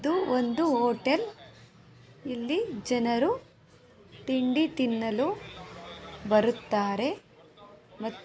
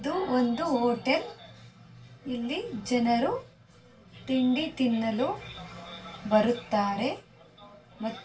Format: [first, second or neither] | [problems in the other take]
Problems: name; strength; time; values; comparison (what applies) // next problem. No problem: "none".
first | room echo; dies away in 0.2 s